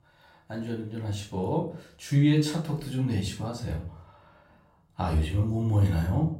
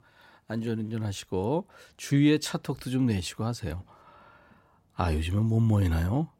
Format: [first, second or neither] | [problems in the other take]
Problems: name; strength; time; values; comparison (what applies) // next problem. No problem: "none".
second | off-mic speech; far // room echo; slight; dies away in 0.4 s